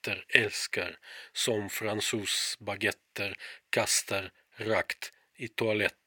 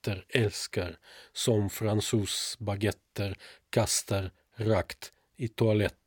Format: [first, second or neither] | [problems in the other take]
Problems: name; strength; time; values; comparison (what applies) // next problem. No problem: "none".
second | thin; somewhat; fading below 500 Hz